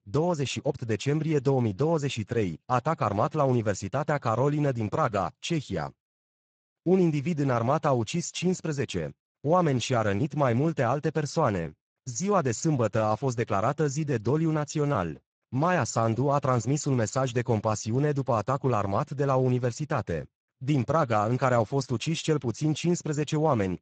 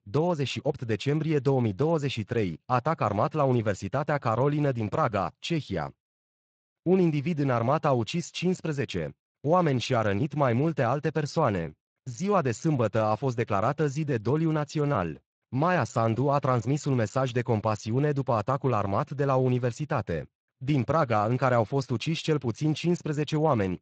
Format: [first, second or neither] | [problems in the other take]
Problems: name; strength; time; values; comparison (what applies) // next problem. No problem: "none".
second | garbled, watery; badly; nothing above 7.5 kHz; slightly in the second